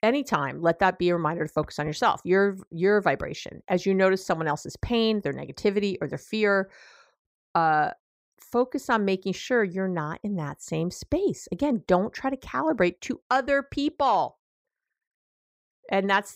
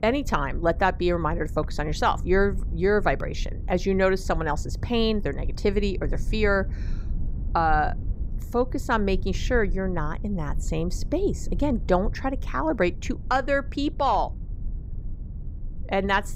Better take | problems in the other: first | low rumble; faint; throughout; 25 dB below the speech

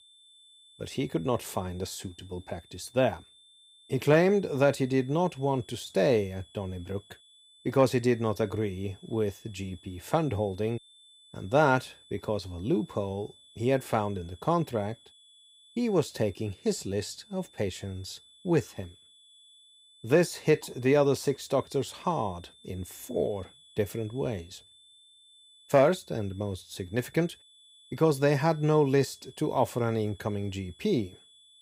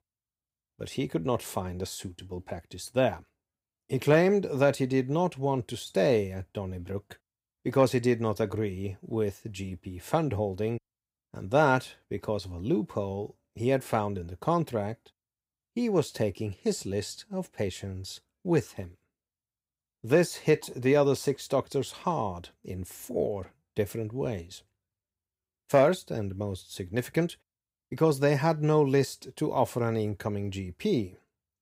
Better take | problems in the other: second | high-pitched whine; faint; throughout; 3.5 kHz, 25 dB below the speech

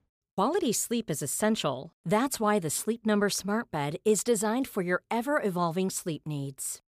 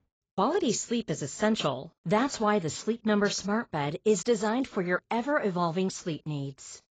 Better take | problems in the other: first | garbled, watery; badly; nothing above 7.5 kHz

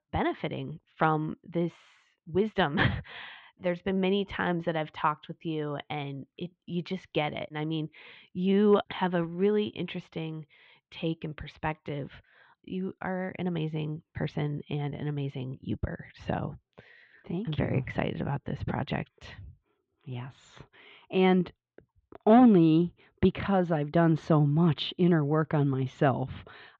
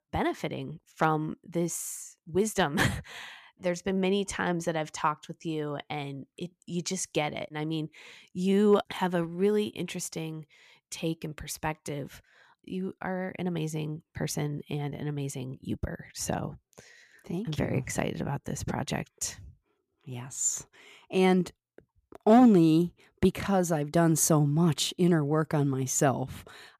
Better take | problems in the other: second | muffled; very; fading above 3.5 kHz

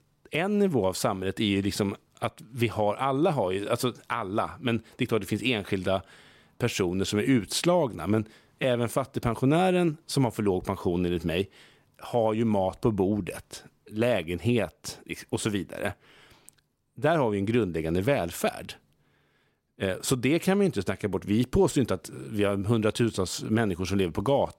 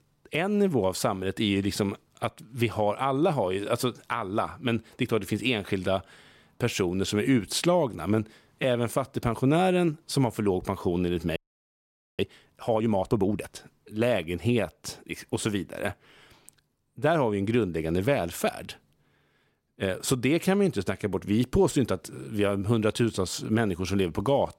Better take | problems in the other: first | audio freezing; at 11 s for 1 s

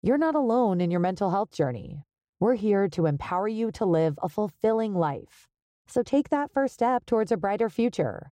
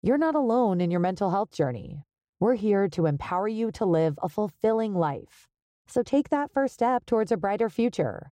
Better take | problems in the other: neither | muffled; slightly; fading above 1 kHz; the same in both

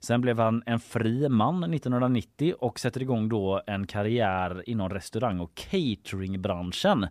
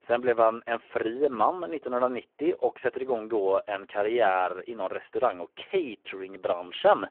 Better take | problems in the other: first | phone-call audio; poor line

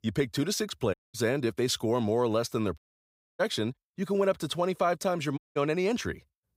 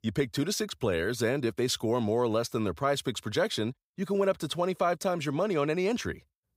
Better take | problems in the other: second | audio cutting out; at 1 s, at 3 s for 0.5 s and at 5.5 s

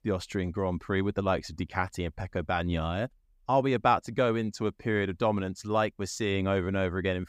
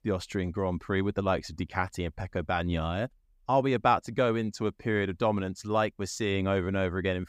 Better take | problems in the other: neither | none

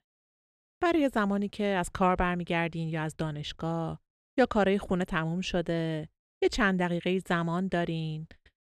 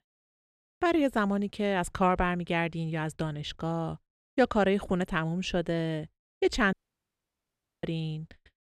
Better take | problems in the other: first | audio cutting out; at 6.5 s for 1 s

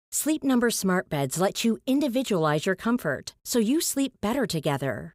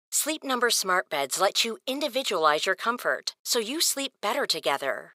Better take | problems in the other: first | thin; very; fading below 600 Hz

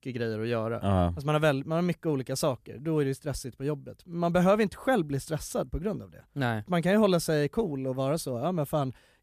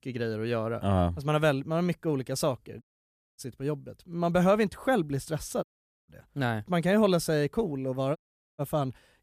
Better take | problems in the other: first | audio cutting out; at 3 s for 0.5 s, at 5.5 s and at 8 s

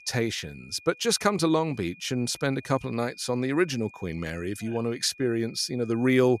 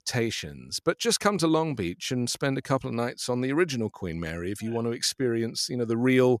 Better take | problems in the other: second | high-pitched whine; faint; throughout; 2.5 kHz, 20 dB below the speech

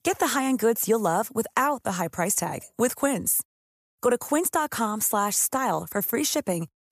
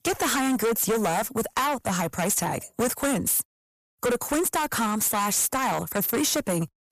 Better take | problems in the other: first | distortion; heavy; 19% of the sound clipped

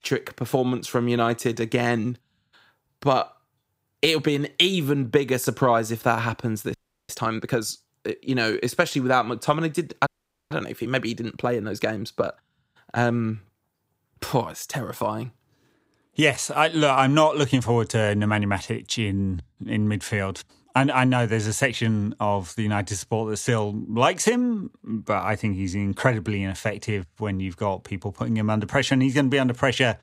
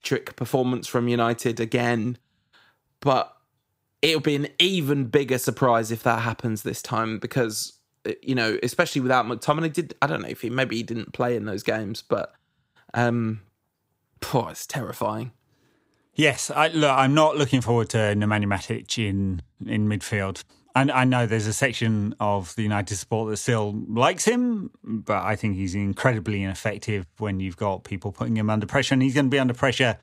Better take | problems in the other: second | audio freezing; at 6.5 s and at 10 s

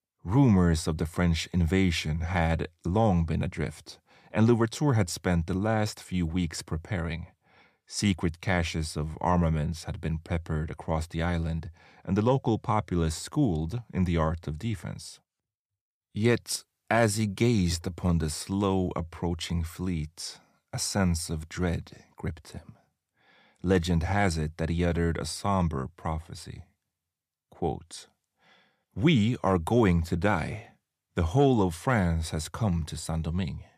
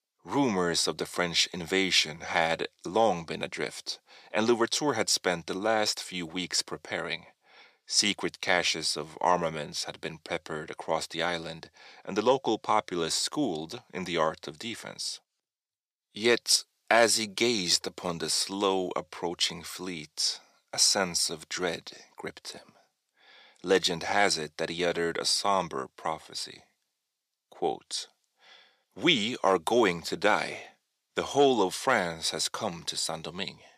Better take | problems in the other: first | thin; somewhat; fading below 400 Hz

